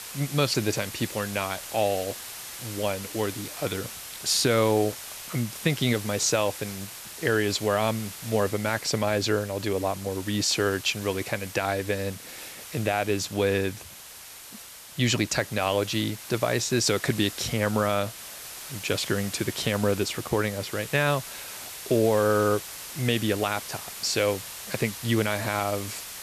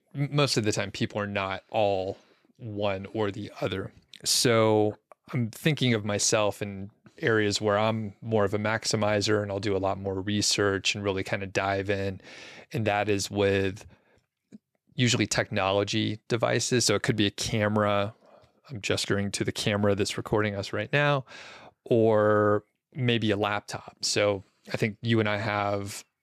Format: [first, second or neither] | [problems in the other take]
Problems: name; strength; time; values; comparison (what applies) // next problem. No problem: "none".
second | hiss; noticeable; throughout; 10 dB below the speech